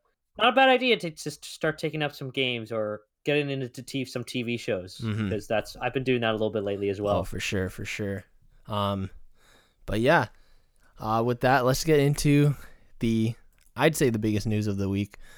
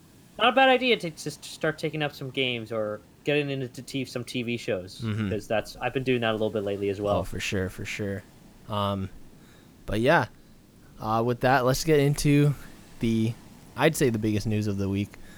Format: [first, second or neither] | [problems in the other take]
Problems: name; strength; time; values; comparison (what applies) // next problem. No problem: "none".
first | hiss; faint; throughout; 25 dB below the speech